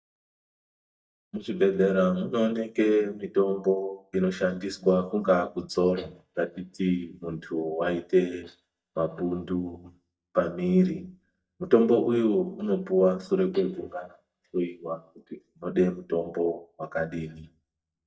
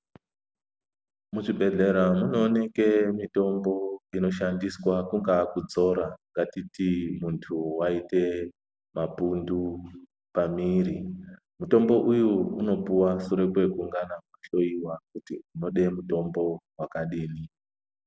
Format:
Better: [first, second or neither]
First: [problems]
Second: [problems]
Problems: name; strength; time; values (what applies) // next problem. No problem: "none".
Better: second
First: noise reduction (neural mask model DeepFilterNet 3)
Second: none